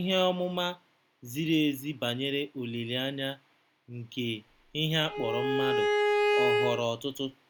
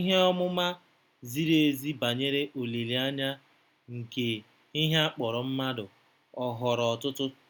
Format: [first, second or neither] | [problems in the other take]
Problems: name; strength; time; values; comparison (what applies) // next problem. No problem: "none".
second | background sound (Bowed string instrument); 3 dB above the speech